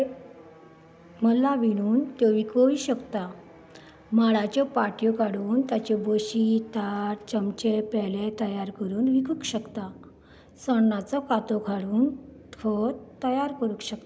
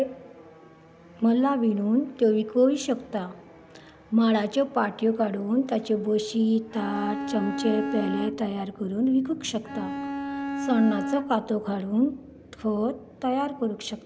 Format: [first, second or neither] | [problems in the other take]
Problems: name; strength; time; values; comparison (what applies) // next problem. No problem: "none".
first | background sound (Bowed string instrument); 6 dB below the speech